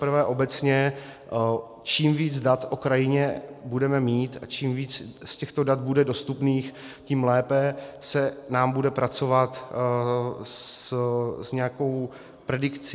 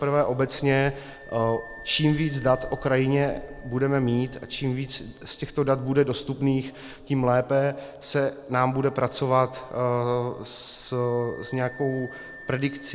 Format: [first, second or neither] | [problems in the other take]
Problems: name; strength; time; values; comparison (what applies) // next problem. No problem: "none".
first | background sound (Gull, seagull + Wind instrument, woodwind instrument); 20 dB below the speech